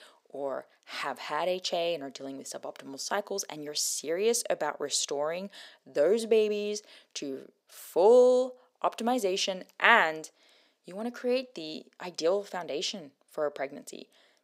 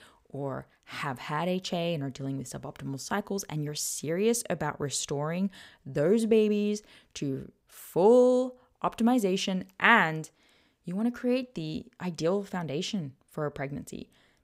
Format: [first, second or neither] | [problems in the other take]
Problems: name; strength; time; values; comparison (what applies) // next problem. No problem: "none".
second | thin; somewhat; fading below 300 Hz